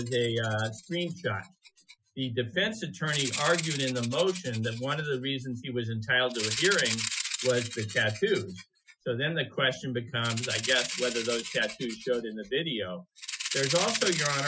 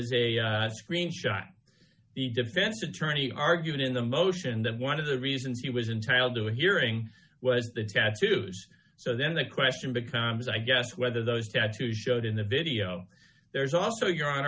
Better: second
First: noise reduction (classical method Wiener filter)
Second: none

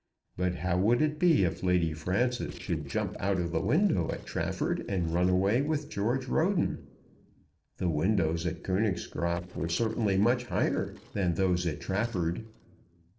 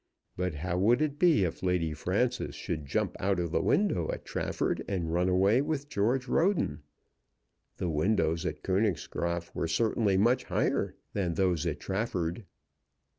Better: second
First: noise reduction (neural separator model SepFormer DNS4)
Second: none

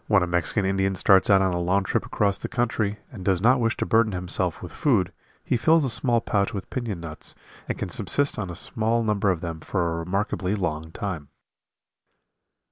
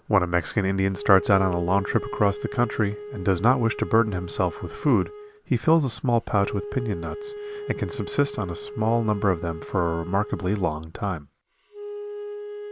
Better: first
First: none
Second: background sound (Wind instrument, woodwind instrument); 12 dB below the speech

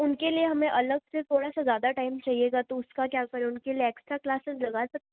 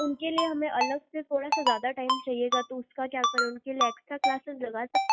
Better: first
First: none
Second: noise reduction (classical method log-MMSE)

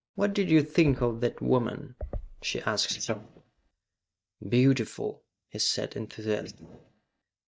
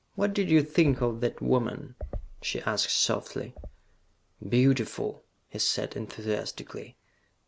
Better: second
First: noise reduction (neural mask model DeepFilterNet 3)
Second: none

